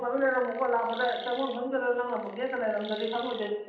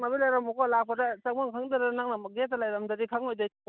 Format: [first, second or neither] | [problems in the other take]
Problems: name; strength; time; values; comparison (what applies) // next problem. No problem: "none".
second | background sound (Chirp, tweet); 17 dB below the speech // room echo; dies away in 0.8 s